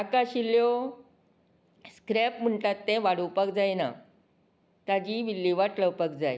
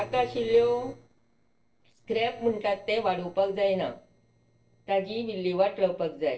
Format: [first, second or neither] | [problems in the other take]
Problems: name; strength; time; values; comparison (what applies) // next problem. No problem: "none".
first | noise reduction (neural separator model SepFormer DNS4)